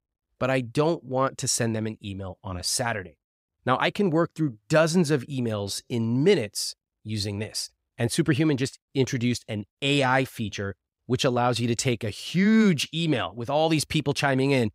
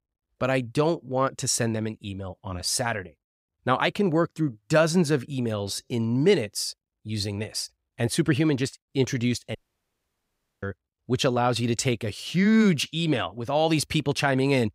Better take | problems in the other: first | audio cutting out; at 9.5 s for 1 s

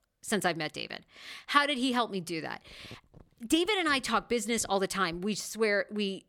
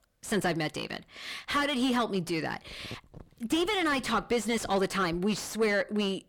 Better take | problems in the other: first | distortion; heavy; 6 dB below the speech

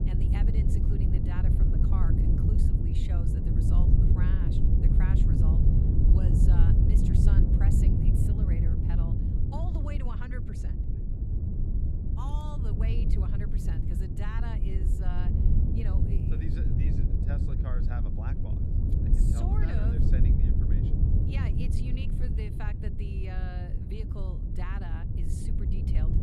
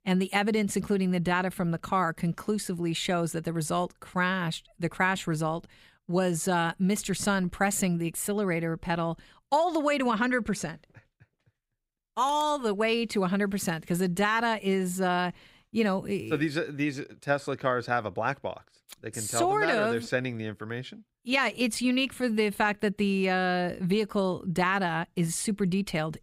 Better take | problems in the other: second | wind noise on the microphone; heavy; 4 dB above the speech

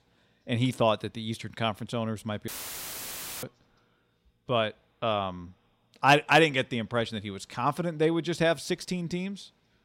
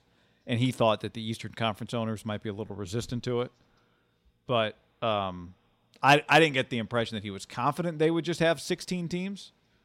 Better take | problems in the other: second | audio cutting out; filled with static; at 2.5 s for 1 s

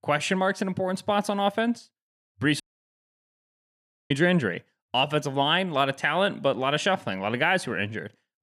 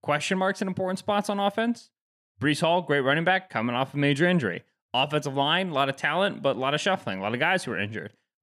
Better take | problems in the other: second | audio cutting out; at 2.5 s for 1.5 s

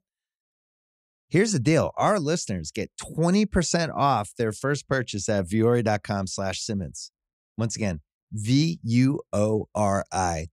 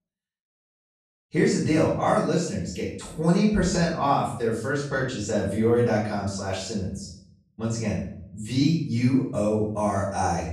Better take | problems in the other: first | off-mic speech; far // room echo; noticeable; dies away in 0.5 s

